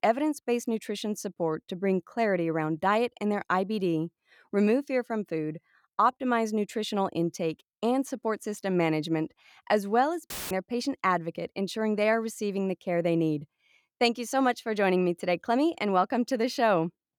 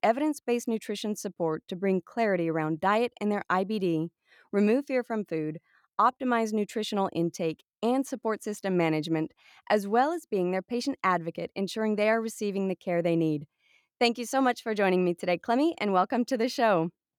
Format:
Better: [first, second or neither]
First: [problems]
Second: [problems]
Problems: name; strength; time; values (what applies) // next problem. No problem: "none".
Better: second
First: audio cutting out; filled with static; at 10 s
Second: none